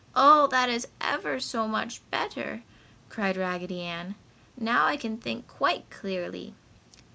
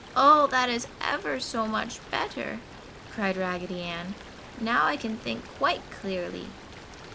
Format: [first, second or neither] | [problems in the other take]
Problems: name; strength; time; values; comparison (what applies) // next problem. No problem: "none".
first | background sound (Stream + Water); 16 dB below the speech